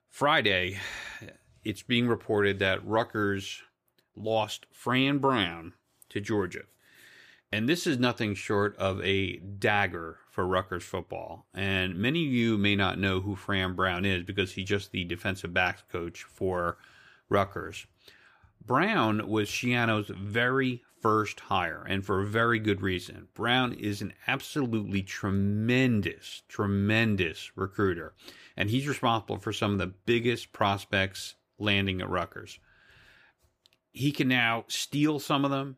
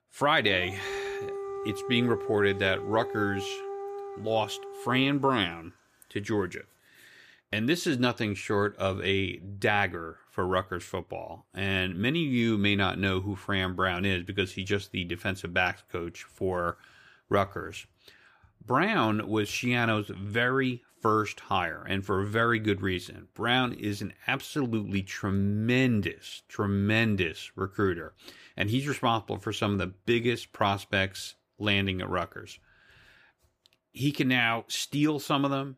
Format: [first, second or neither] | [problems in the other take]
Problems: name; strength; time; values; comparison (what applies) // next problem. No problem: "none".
first | dog barking; noticeable; until 5.5 s; peak 7 dB below the speech